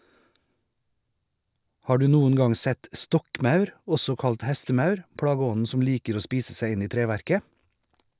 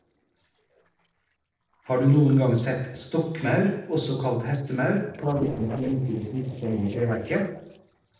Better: first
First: none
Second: noise reduction (neural separator model SepFormer DNS4)

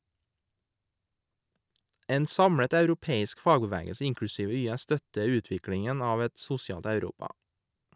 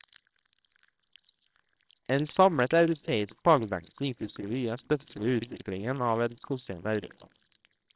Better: first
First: none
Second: noise reduction (neural separator model SepFormer WHAMR!)

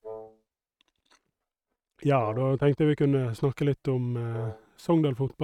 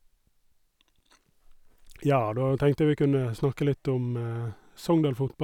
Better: second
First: noise reduction (neural mask model RNNoise)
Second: none

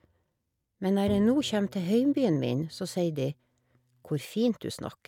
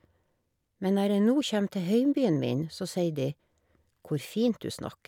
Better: second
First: noise reduction (neural mask model RNNoise)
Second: none

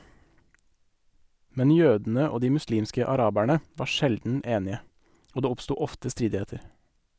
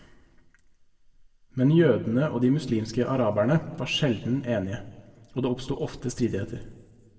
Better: first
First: none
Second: room echo; dies away in 1.1 s

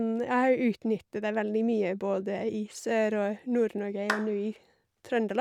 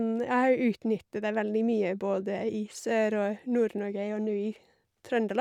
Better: second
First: background sound (Clapping); 10 dB below the speech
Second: none

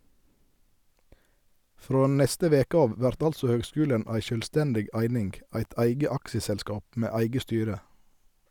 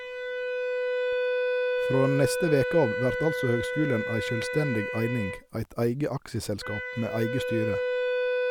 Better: first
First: none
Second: background sound (Wind instrument, woodwind instrument); as loud as the speech

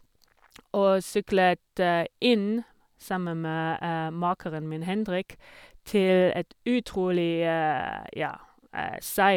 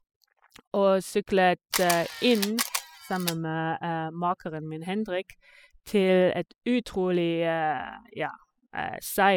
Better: first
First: none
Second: noise reduction (classical method spectral subtraction)

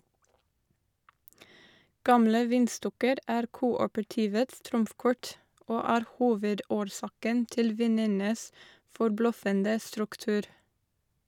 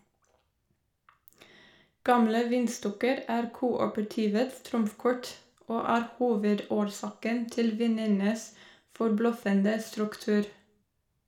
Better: first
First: none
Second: room echo; dies away in 0.4 s

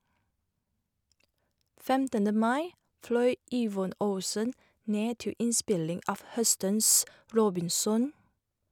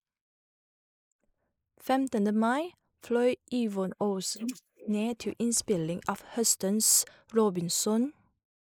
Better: first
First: none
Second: noise reduction (neural mask model Resemble Enhance denoiser)

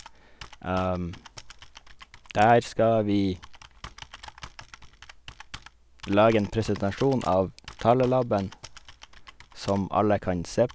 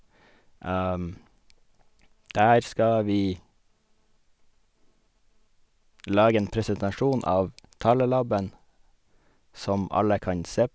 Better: second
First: background sound (Computer keyboard); 19 dB below the speech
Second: none

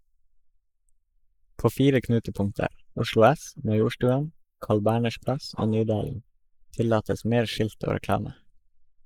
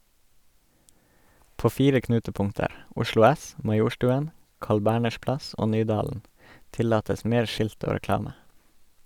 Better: second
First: noise reduction (neural mask model Resemble Enhance denoiser)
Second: none

